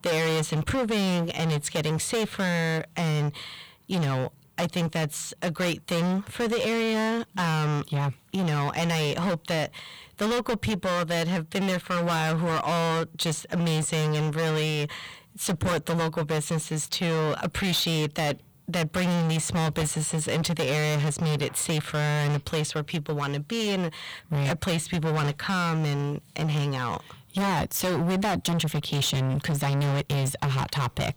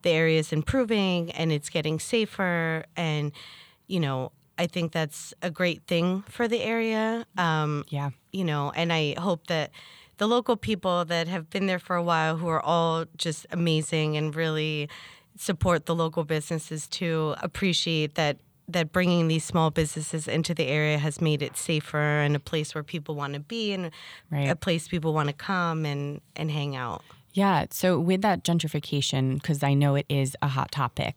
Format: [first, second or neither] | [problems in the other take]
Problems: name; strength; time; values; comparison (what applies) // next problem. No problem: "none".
second | distortion; heavy; 30% of the sound clipped